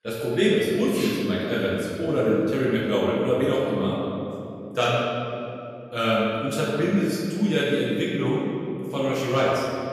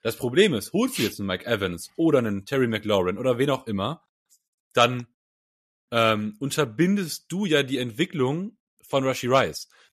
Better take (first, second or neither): second